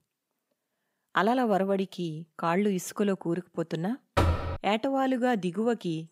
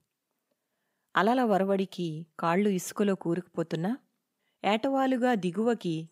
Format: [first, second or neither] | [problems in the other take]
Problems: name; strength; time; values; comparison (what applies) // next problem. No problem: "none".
second | door banging; loud; at 4 s; peak 2 dB above the speech